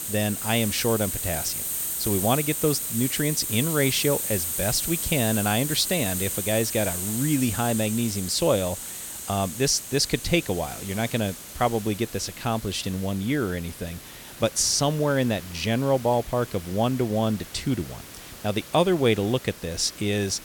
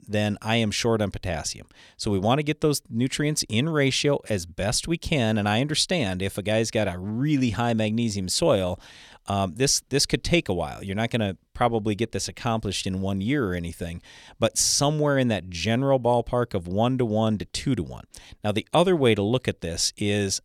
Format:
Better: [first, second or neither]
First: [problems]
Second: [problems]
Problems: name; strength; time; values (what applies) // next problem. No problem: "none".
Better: second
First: hiss; loud; throughout; 4 dB below the speech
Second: none